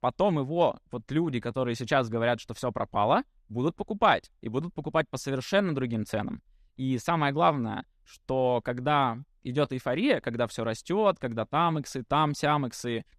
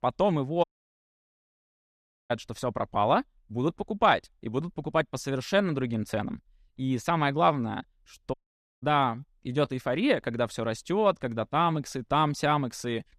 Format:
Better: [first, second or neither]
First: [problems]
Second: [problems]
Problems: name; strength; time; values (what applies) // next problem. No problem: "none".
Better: first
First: none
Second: audio cutting out; at 0.5 s for 1.5 s and at 8.5 s